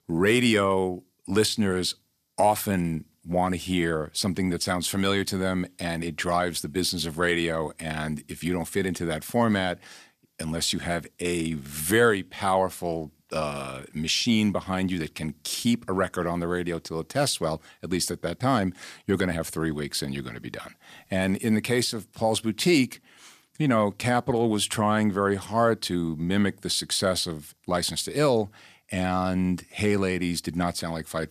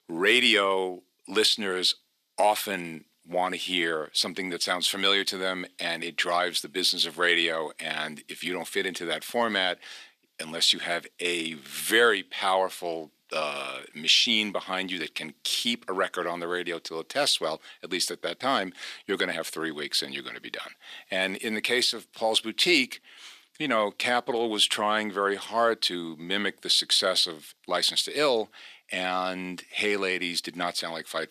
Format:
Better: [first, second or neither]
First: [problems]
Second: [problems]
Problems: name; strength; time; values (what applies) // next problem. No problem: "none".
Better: first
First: none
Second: thin; somewhat; fading below 400 Hz